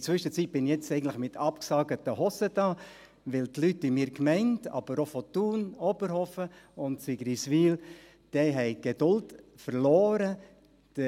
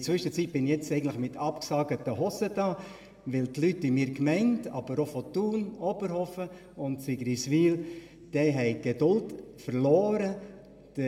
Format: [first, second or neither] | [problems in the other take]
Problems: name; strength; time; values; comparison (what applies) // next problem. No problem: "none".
first | room echo; dies away in 1.3 s